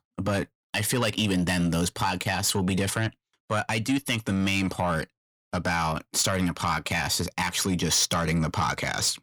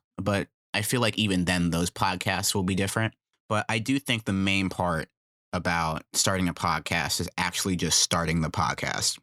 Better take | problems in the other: second | distortion; slight; 10 dB below the speech

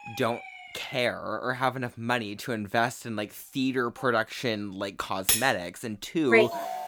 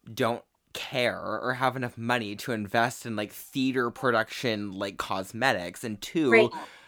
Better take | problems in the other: second | siren; faint; until 1 s; peak 10 dB below the speech // clattering dishes; loud; at 5.5 s; peak 4 dB above the speech // alarm; noticeable; at 6.5 s; peak 7 dB below the speech

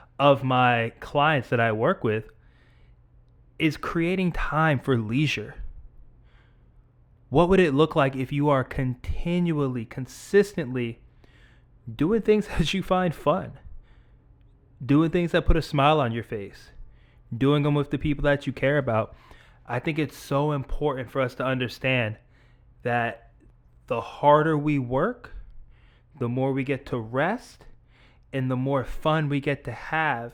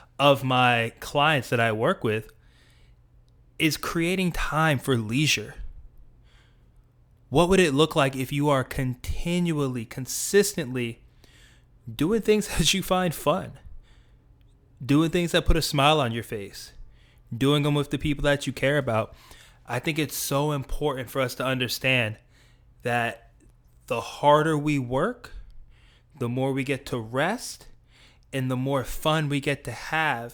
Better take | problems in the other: second | muffled; slightly; fading above 3.5 kHz

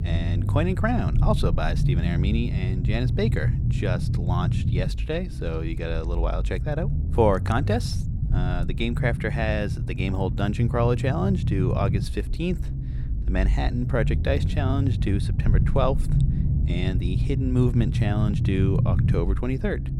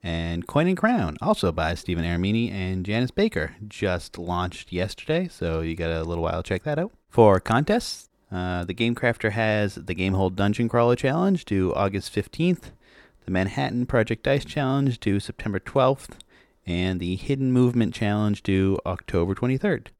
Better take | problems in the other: second | low rumble; loud; throughout; 9 dB below the speech

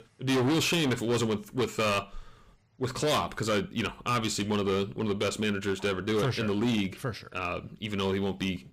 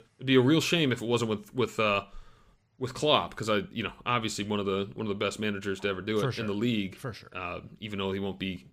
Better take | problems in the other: second | distortion; heavy; 12% of the sound clipped

